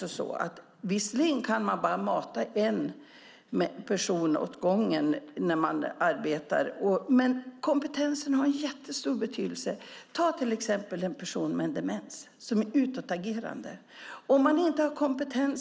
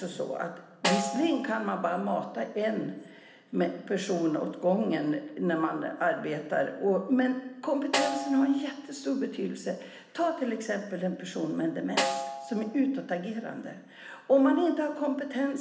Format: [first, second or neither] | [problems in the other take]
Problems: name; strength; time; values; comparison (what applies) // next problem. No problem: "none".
first | background sound (Snare drum); 7 dB below the speech // room echo; dies away in 1.1 s